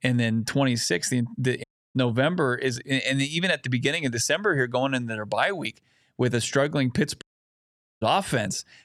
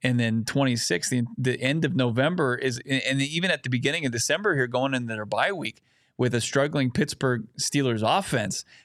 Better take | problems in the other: second | audio cutting out; at 1.5 s and at 7 s for 1 s

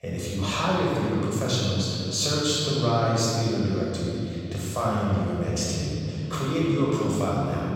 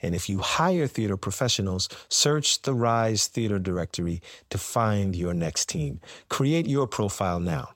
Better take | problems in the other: second | off-mic speech; far // room echo; strong; dies away in 2.7 s

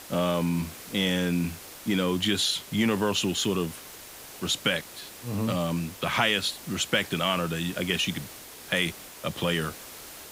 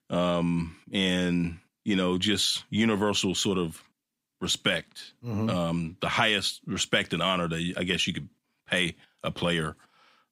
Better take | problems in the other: second | hiss; noticeable; throughout; 15 dB below the speech

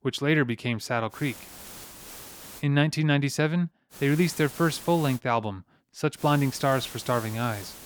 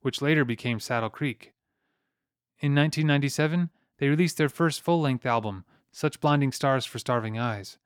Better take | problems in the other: second | hiss; noticeable; from 1 to 2.5 s, from 4 to 5 s and from 6 s on; 15 dB below the speech

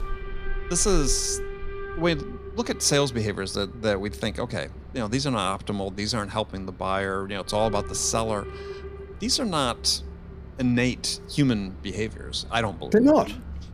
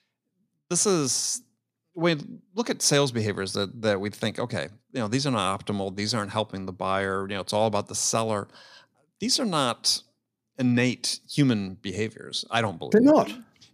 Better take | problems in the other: second | alarms or sirens; noticeable; throughout; 15 dB below the speech

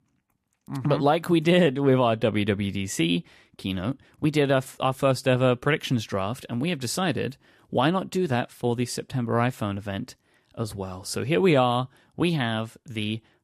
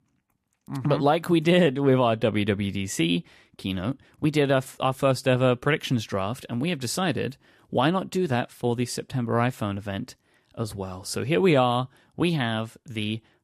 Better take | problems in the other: neither | none

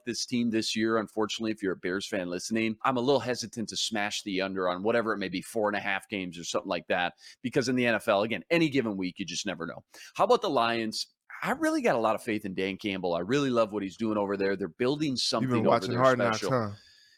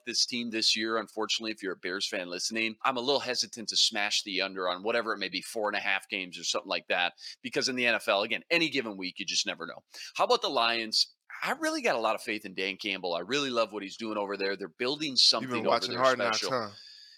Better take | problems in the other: first | thin; very slightly; fading below 500 Hz

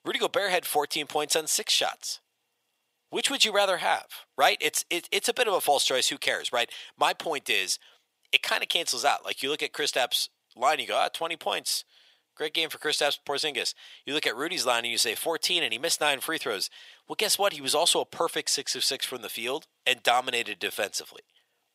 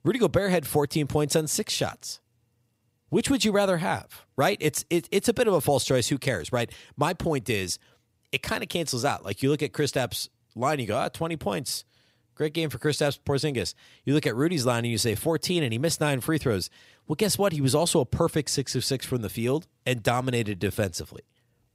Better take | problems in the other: second | thin; very; fading below 600 Hz

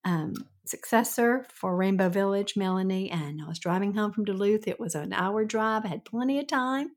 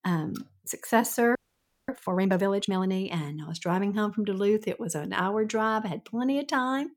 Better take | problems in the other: first | audio freezing; at 1.5 s for 0.5 s

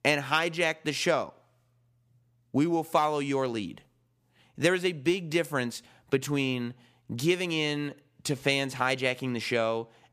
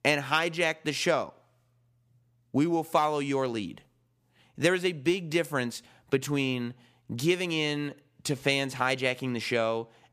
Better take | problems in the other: neither | none

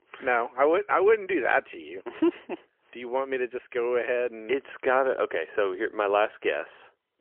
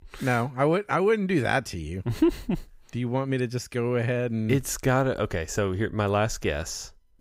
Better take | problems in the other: second | phone-call audio; poor line; nothing above 3 kHz

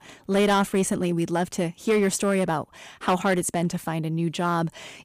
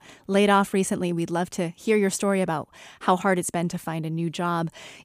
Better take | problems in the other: second | distortion; slight; 5% of the sound clipped

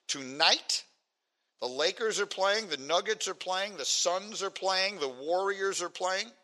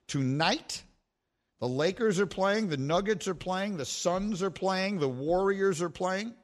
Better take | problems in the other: second | thin; very; fading below 550 Hz

